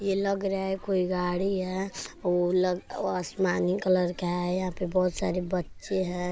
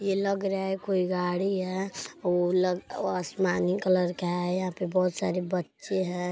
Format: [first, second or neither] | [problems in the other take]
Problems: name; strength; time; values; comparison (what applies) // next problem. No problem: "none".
second | background sound (Wind); 17 dB below the speech